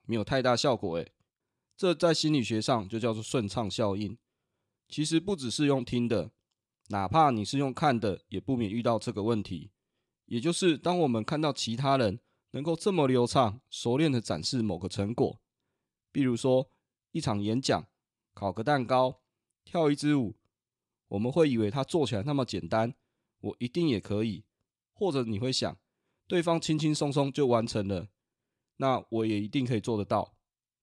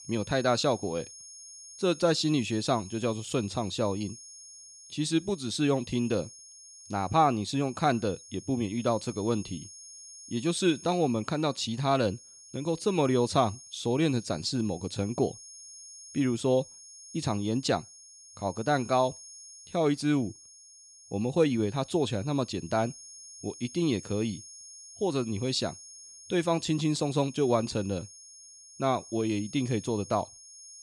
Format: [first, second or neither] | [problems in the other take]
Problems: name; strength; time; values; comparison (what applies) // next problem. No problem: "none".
first | high-pitched whine; noticeable; throughout; 6.5 kHz, 15 dB below the speech